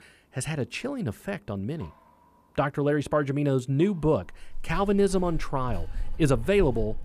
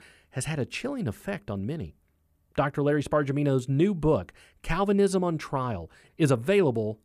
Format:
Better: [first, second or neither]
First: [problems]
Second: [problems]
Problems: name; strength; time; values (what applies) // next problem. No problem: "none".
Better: second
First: household noises; noticeable; throughout; 15 dB below the speech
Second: none